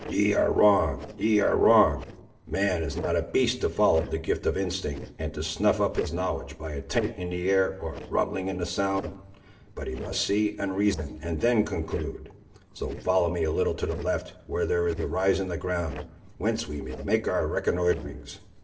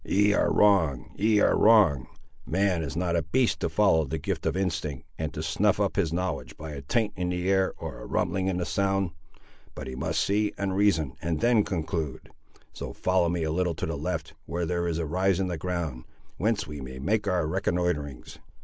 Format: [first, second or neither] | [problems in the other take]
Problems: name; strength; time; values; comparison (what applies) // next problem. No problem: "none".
second | noise reduction (neural separator model SepFormer DNS4)